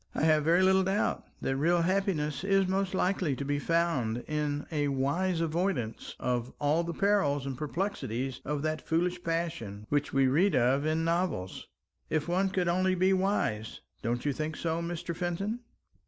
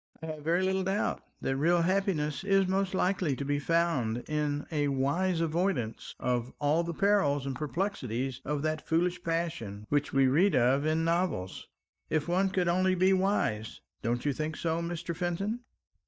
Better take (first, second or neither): first